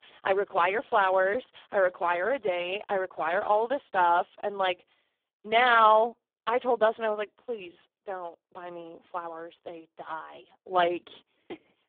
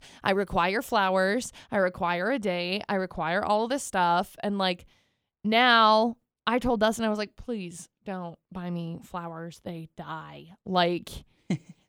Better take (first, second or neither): second